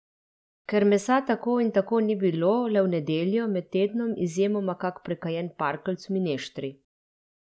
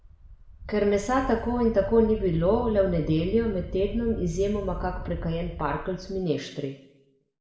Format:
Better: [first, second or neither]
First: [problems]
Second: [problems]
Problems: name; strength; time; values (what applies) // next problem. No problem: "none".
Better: first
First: none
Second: background sound (Wind); 10 dB below the speech // room echo; dies away in 0.7 s